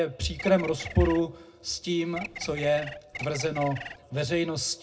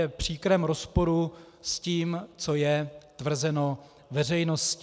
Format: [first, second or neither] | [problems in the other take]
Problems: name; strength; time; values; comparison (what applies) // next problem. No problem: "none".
second | background sound (Bird); 11 dB below the speech // room echo; dies away in 0.2 s